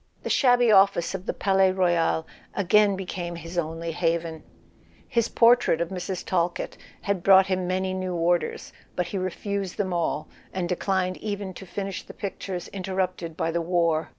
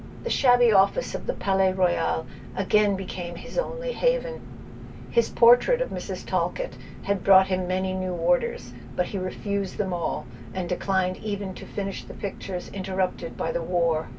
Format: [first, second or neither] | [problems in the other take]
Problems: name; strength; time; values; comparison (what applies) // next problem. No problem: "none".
first | background sound (Engine); 13 dB below the speech // room echo; dies away in 0.1 s